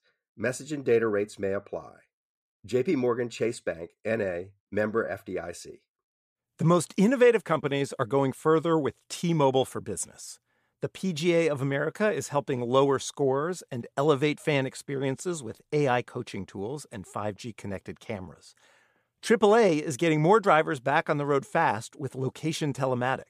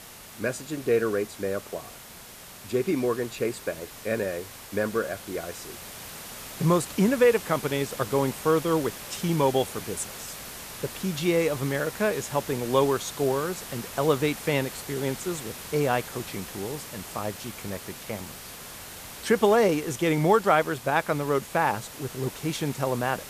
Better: first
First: none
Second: hiss; noticeable; throughout; 10 dB below the speech

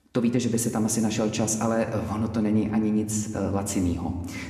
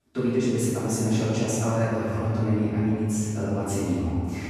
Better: first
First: room echo; slight; dies away in 1.3 s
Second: room echo; strong; dies away in 2.5 s // off-mic speech; far

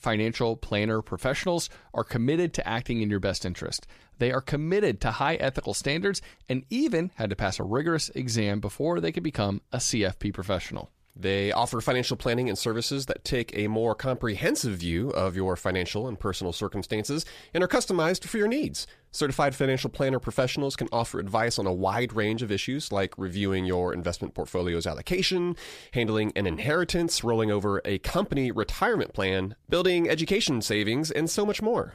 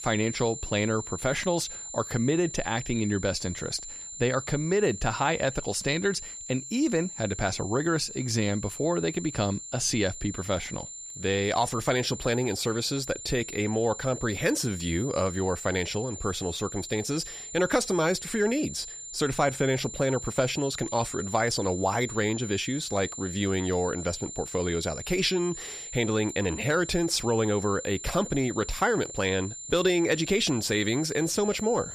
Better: first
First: none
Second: high-pitched whine; loud; throughout; 7 kHz, 10 dB below the speech

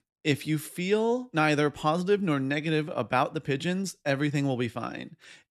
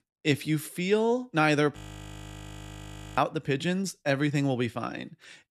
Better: first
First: none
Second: audio freezing; at 2 s for 1.5 s

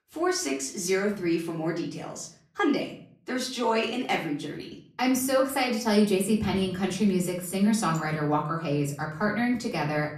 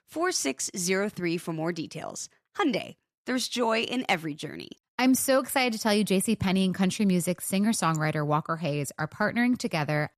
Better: second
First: off-mic speech; far // room echo; slight; dies away in 0.5 s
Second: none

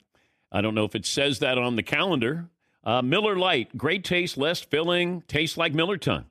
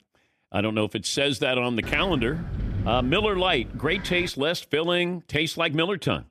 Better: first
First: none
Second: wind noise on the microphone; occasional gusts; from 2 to 4.5 s; 15 dB below the speech

